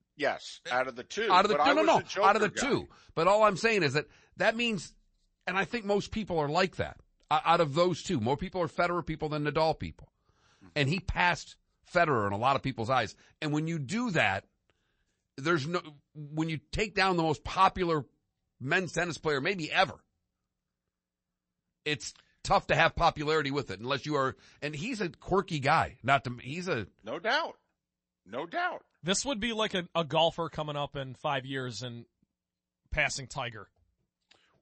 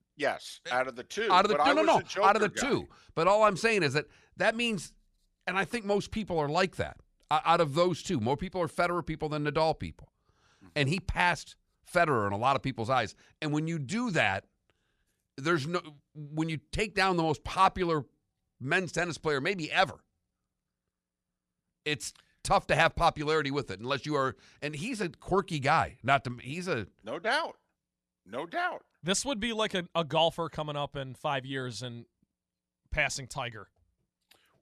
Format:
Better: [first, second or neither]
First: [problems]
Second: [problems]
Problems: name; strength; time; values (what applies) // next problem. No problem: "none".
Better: second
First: garbled, watery; slightly; nothing above 8 kHz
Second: none